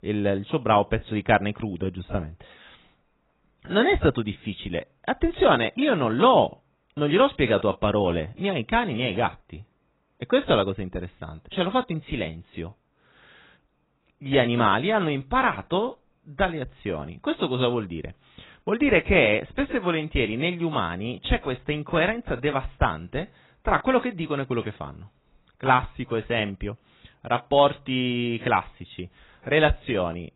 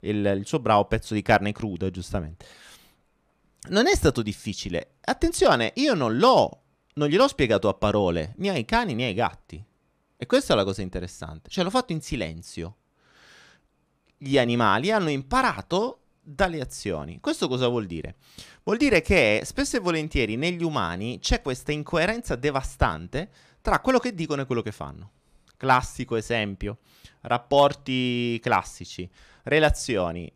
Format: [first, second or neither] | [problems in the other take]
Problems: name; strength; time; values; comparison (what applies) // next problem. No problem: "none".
second | garbled, watery; badly; nothing above 4 kHz